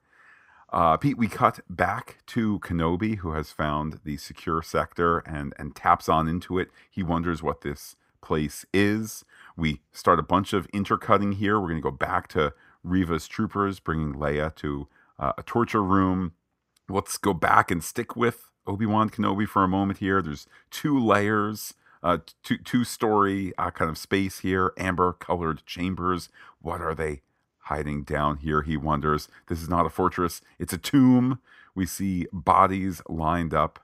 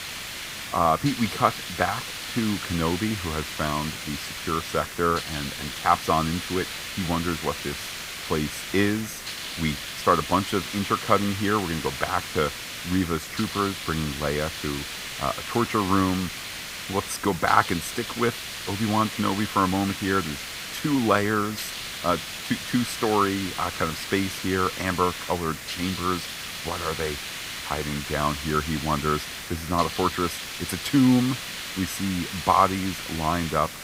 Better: first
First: none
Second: hiss; loud; throughout; 6 dB below the speech

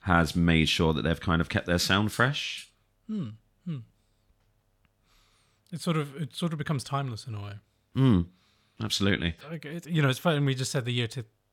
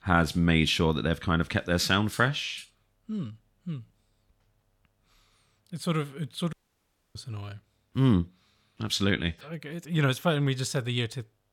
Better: first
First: none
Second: audio cutting out; at 6.5 s for 0.5 s

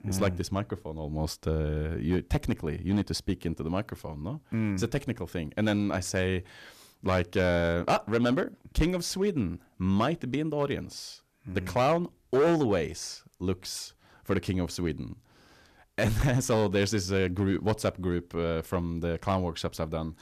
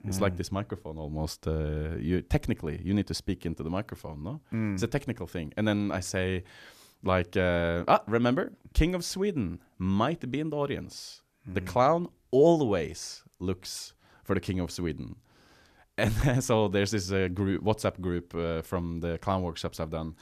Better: second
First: distortion; slight; 3% of the sound clipped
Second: none

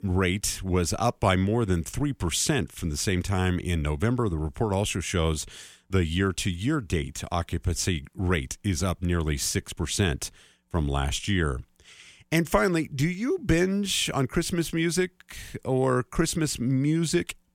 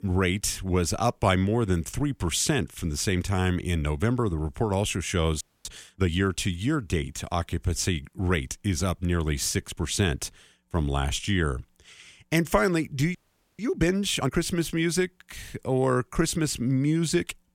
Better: first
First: none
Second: audio freezing; at 5.5 s and at 13 s

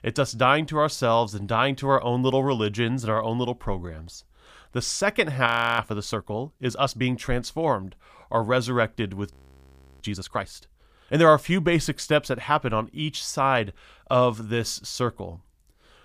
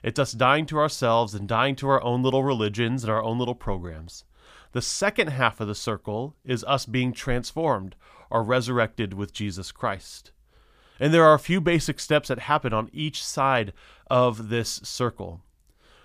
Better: second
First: audio freezing; at 5.5 s and at 9.5 s for 0.5 s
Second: none

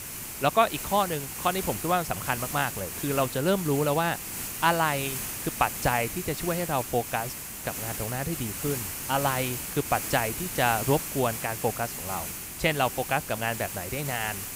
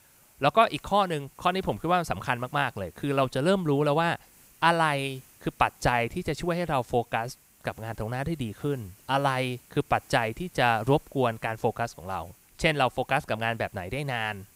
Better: second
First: hiss; loud; throughout; 5 dB below the speech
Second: hiss; faint; throughout; 25 dB below the speech

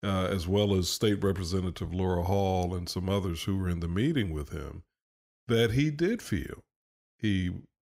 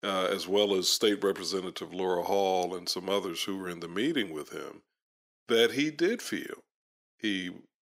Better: first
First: none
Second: thin; somewhat; fading below 300 Hz

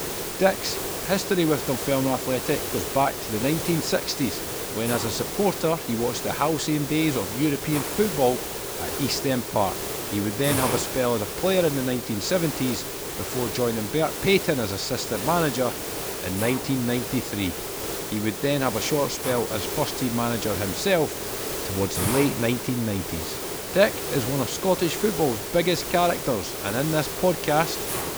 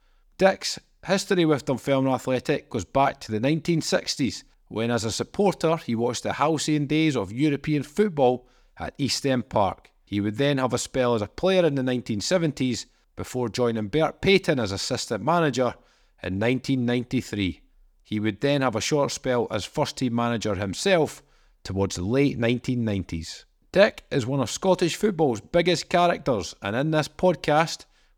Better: second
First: hiss; loud; throughout; 4 dB below the speech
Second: none

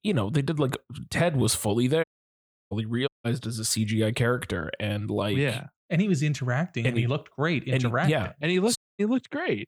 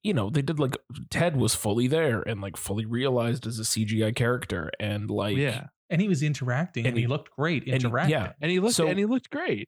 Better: second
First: audio cutting out; at 2 s for 0.5 s, at 3 s and at 9 s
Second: none

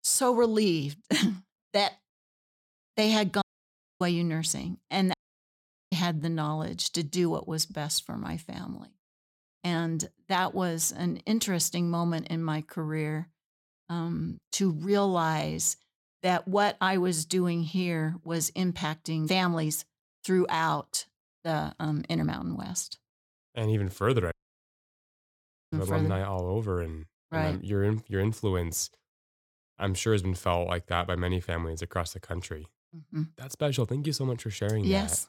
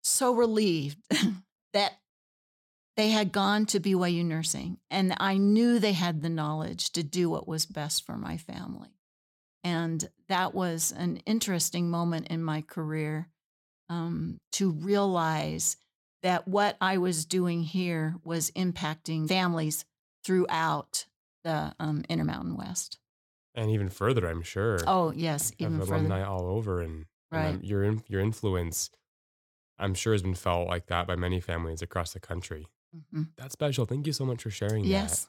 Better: second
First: audio cutting out; at 3.5 s for 0.5 s, at 5 s for 1 s and at 24 s for 1.5 s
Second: none

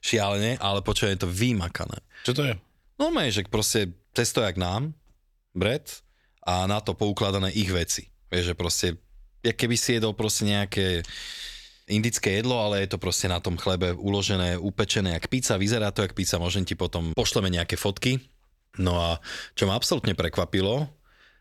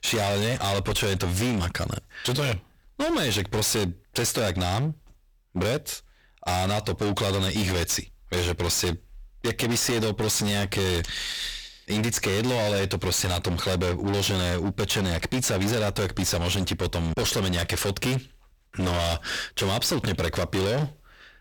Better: first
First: none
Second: distortion; heavy; 34% of the sound clipped

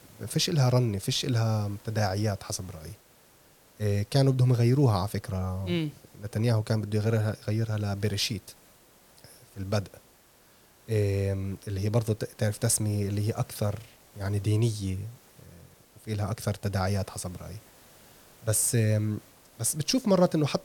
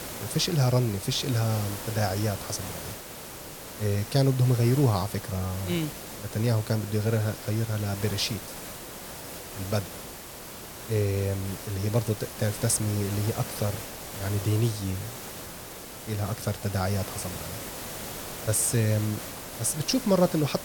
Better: first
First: hiss; faint; throughout; 25 dB below the speech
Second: hiss; loud; throughout; 9 dB below the speech

